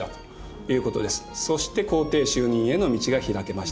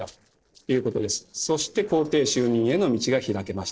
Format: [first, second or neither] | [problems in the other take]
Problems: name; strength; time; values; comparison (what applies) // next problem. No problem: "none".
first | noise reduction (neural separator model SepFormer DNS4)